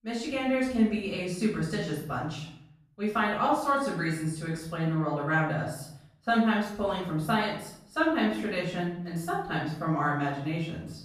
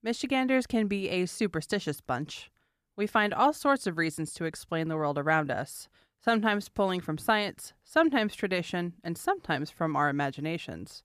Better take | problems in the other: second | off-mic speech; far // room echo; noticeable; dies away in 0.7 s

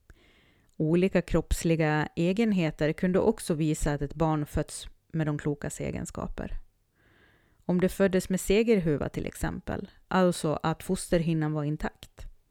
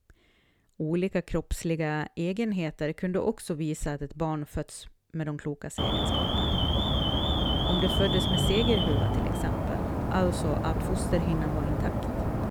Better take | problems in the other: first | alarm; loud; from 6 s on; peak 6 dB above the speech

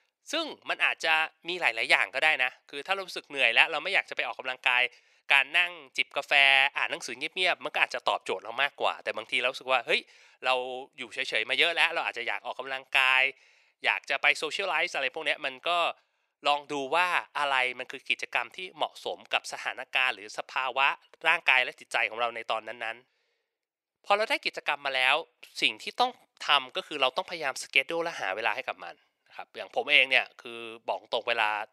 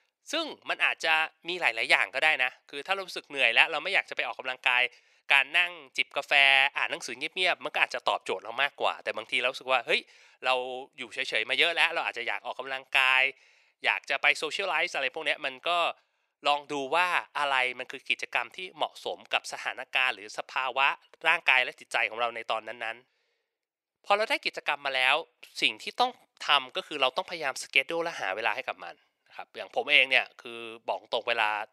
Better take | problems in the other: neither | thin; very; fading below 500 Hz; the same in both

